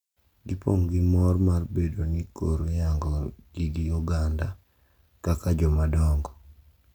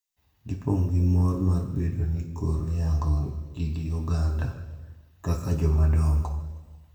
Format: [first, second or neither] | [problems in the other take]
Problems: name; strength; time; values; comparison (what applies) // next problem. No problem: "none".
first | room echo; dies away in 1.2 s